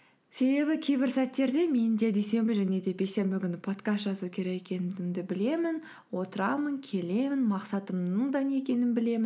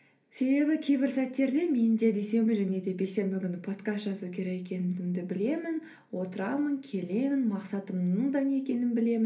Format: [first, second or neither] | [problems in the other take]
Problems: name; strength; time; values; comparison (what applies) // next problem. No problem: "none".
first | room echo; dies away in 0.3 s